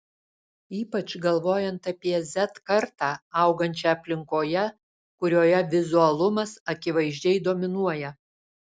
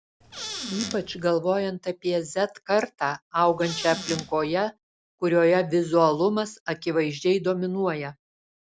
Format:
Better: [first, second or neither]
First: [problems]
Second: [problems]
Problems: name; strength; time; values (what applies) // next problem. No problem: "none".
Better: first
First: none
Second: background sound (Squeak / Cupboard open or close); 10 dB below the speech